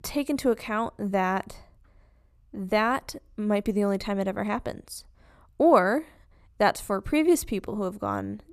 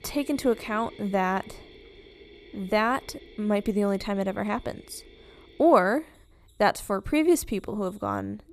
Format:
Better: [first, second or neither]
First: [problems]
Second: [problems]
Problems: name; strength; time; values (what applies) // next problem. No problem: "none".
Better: first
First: none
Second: machinery noise; faint; throughout; 25 dB below the speech